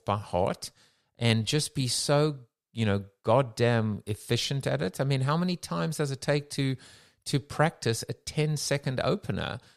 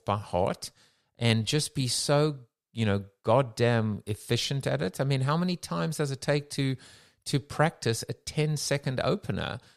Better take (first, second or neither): neither